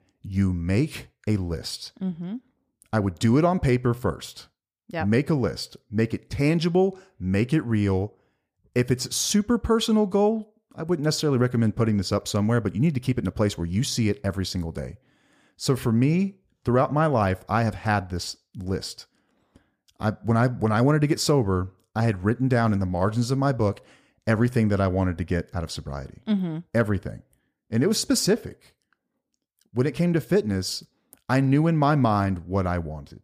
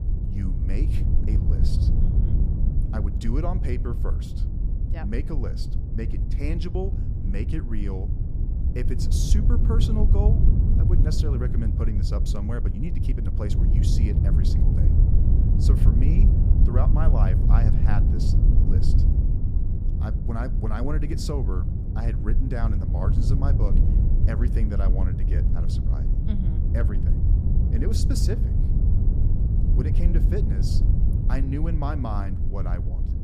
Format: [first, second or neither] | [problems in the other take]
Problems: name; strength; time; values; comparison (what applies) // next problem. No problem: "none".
first | wind noise on the microphone; heavy; 2 dB below the speech